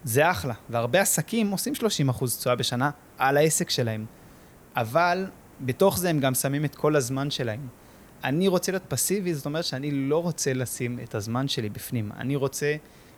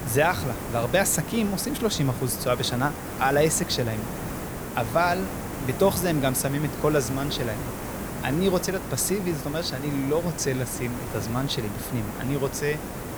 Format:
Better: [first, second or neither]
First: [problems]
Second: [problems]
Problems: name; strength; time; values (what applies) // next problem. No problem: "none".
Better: first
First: hiss; faint; throughout; 25 dB below the speech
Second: hiss; loud; throughout; 7 dB below the speech